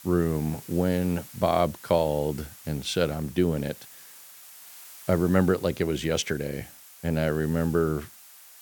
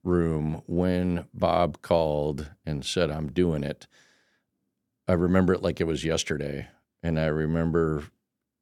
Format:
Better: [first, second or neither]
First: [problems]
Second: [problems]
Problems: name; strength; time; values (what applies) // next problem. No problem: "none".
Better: second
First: hiss; noticeable; throughout; 20 dB below the speech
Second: none